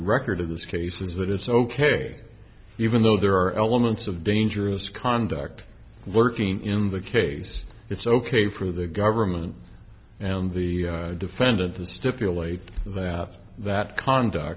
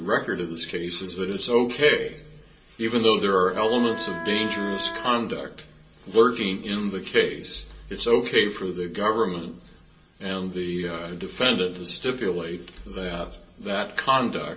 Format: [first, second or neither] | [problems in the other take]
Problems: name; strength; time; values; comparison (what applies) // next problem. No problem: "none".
first | background sound (Wind instrument, woodwind instrument); 9 dB below the speech // room echo; dies away in 0.2 s